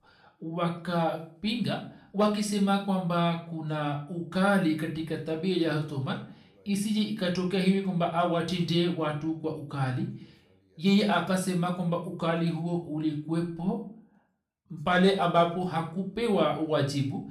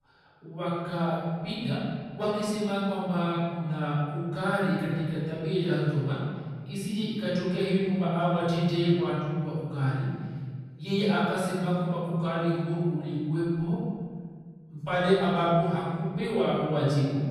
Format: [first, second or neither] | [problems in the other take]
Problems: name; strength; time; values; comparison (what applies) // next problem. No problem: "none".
first | room echo; strong; dies away in 1.9 s; slight in the first // off-mic speech; far; somewhat distant in the first